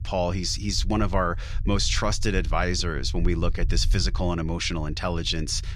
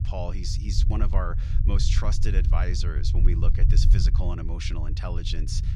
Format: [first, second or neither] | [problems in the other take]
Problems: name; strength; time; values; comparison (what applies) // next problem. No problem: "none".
first | low rumble; loud; throughout; 7 dB below the speech; faint in the first